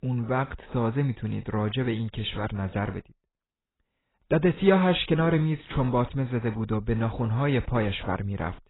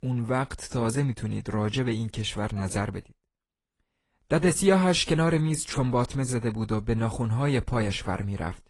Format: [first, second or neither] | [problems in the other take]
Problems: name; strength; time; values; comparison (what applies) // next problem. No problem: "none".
second | garbled, watery; badly; nothing above 4 kHz; slightly in the second